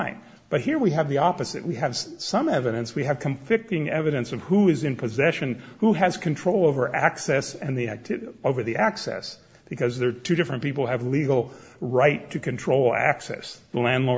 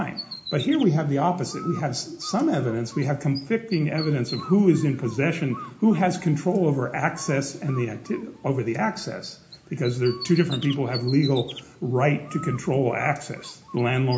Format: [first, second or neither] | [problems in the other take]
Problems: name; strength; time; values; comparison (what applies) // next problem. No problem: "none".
first | background sound (Bird); 18 dB below the speech // room echo; dies away in 0.4 s